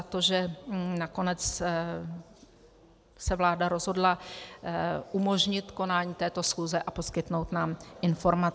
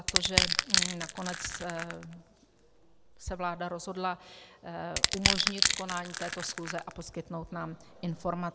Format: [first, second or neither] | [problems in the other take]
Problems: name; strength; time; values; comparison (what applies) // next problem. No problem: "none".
first | background sound (Crushing); 5 dB above the speech